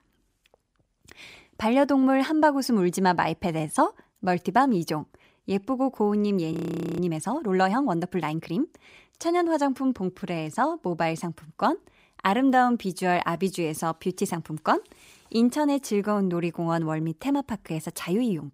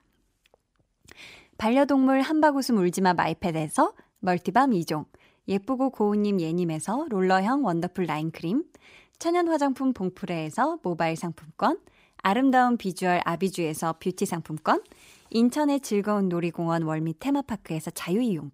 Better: second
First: audio freezing; at 6.5 s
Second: none

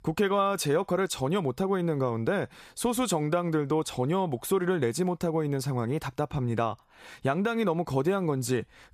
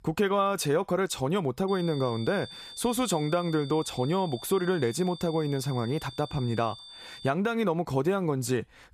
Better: first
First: none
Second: high-pitched whine; noticeable; from 1.5 to 7.5 s; 3.5 kHz, 15 dB below the speech

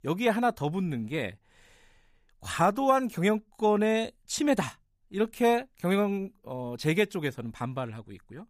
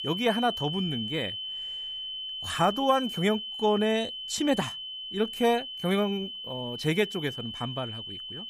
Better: first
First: none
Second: high-pitched whine; loud; throughout; 3 kHz, 6 dB below the speech

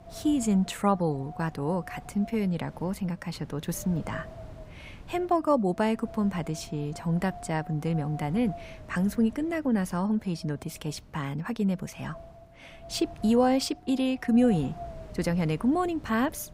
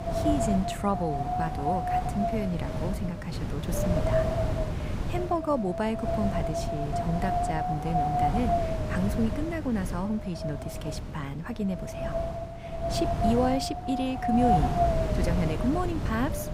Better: first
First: wind noise on the microphone; occasional gusts; 15 dB below the speech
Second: wind noise on the microphone; heavy; 4 dB above the speech

